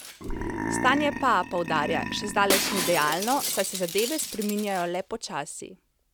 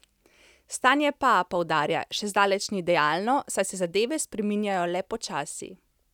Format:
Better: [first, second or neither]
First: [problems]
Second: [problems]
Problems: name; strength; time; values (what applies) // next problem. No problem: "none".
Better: second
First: background sound (Shatter + Burping, eructation); 5 dB below the speech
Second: none